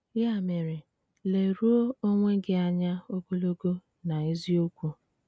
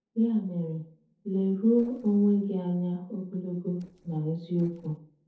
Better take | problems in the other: first | noise reduction (neural separator model SepFormer DNS4)

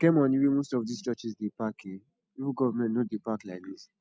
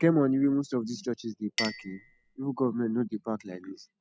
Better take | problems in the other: first | background sound (Chink, clink); 15 dB below the speech

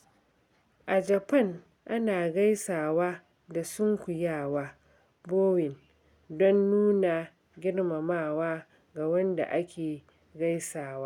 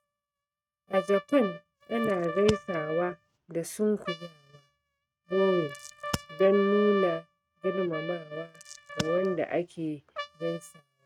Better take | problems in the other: first | noise reduction (neural mask model RNNoise)

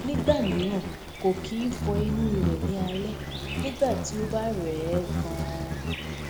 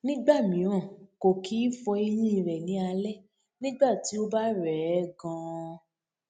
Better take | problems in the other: second | background sound (Insect); 2 dB below the speech

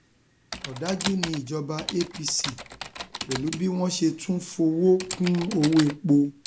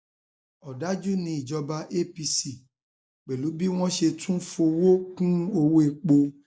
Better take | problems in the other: second | background sound (Typing); 11 dB below the speech

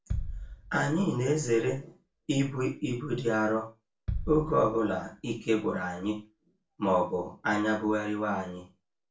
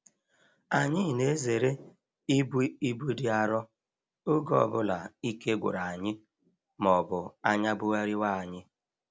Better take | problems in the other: second | background sound (Bass drum); 12 dB below the speech // room echo; dies away in 0.3 s

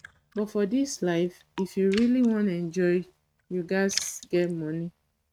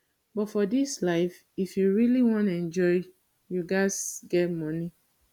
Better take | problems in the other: second | noise reduction (neural mask model RNNoise)

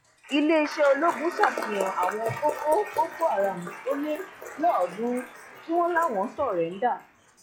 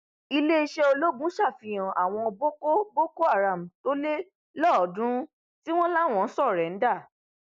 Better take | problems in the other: second | noise reduction (classical method log-MMSE)

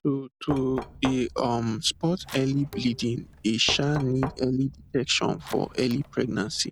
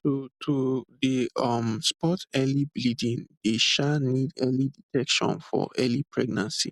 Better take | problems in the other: second | background sound (Knock + Bowed string instrument); 14 dB below the speech

